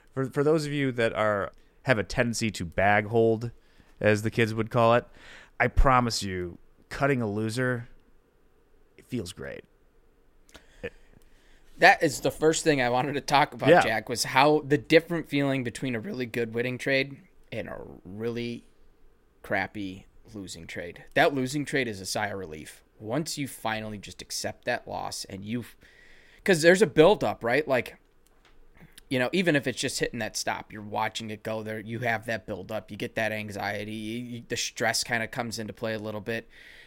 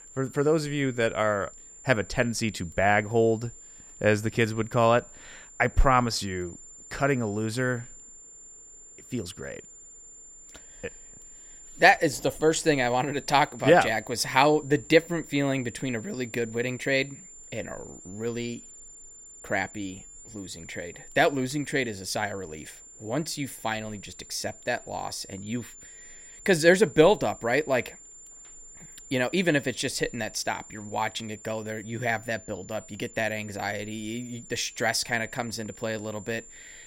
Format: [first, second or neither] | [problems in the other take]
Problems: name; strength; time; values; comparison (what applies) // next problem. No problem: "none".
first | high-pitched whine; noticeable; throughout; 7 kHz, 20 dB below the speech